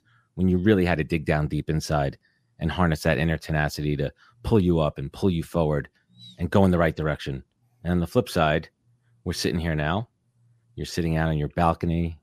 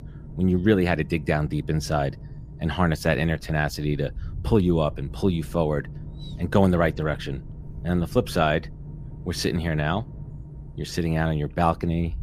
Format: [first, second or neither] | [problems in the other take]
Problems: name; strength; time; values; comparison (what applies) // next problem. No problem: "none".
first | low rumble; faint; throughout; 25 dB below the speech